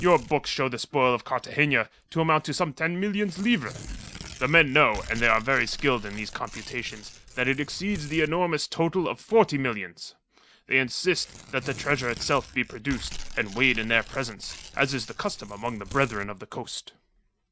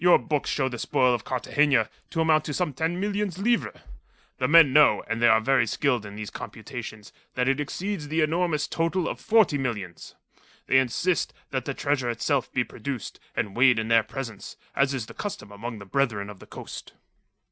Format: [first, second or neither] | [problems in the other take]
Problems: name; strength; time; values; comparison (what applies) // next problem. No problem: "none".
second | background sound (Tearing); 16 dB below the speech